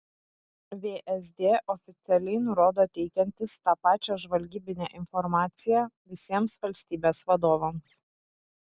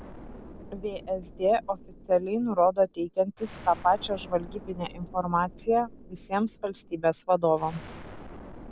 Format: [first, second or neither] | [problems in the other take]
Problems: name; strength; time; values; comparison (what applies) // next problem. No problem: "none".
first | background sound (Explosion); 17 dB below the speech